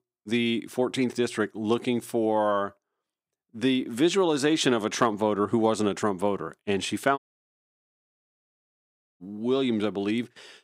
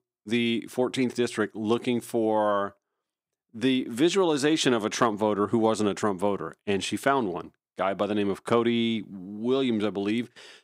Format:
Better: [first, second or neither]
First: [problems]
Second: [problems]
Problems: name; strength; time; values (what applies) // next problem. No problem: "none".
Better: second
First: audio cutting out; at 7 s for 2 s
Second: none